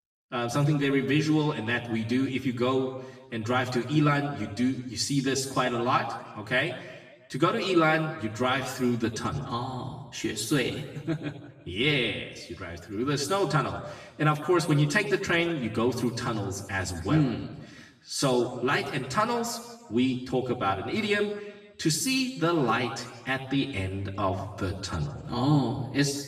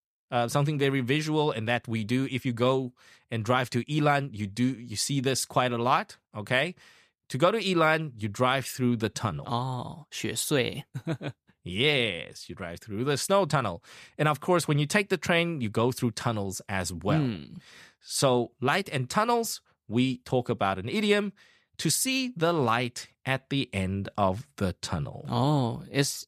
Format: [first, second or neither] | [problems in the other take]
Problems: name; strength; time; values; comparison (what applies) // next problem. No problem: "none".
second | room echo; slight; dies away in 1 s // off-mic speech; far